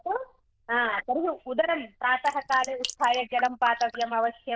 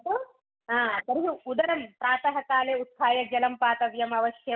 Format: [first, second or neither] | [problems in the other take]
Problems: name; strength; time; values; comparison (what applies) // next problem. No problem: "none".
second | noise reduction (neural diffusion model UNIVERSE++)